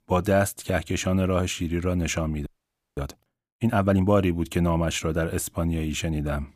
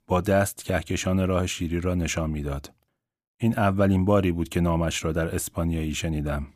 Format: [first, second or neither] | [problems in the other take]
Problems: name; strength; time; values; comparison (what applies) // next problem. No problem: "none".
second | audio freezing; at 2.5 s for 0.5 s